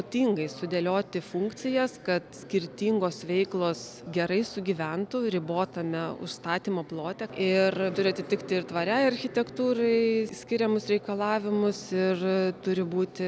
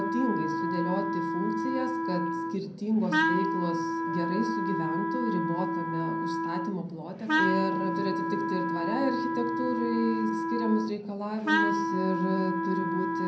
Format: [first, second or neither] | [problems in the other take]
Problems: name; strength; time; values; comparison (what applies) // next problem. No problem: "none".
first | background sound (Wind instrument, woodwind instrument); 2 dB above the speech // room echo; dies away in 0.5 s